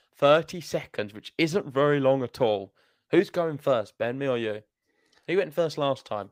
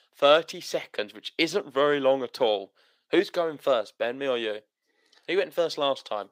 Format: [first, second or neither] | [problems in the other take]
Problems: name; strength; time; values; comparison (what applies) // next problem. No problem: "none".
first | thin; very slightly; fading below 300 Hz